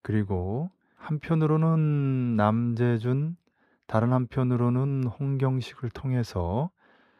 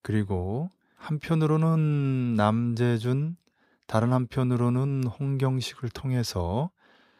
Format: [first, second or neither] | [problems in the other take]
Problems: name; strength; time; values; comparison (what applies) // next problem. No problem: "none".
second | muffled; slightly; fading above 3.5 kHz